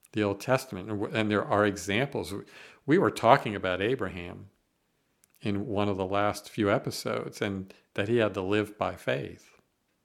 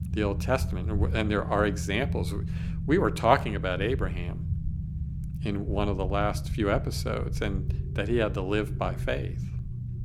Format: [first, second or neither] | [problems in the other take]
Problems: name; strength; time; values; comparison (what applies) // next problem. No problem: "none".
first | low rumble; noticeable; throughout; 15 dB below the speech